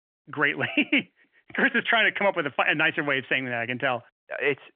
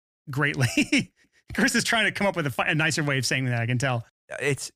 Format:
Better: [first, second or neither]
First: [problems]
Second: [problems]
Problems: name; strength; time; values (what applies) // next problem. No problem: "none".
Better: second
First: phone-call audio; nothing above 3 kHz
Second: none